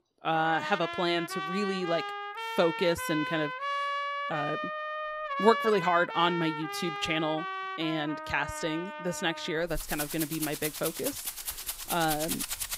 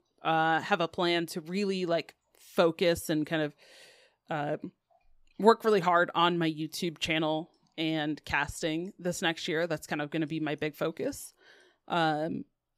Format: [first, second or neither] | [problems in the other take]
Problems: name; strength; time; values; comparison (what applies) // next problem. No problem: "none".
second | background music; loud; throughout; 4 dB below the speech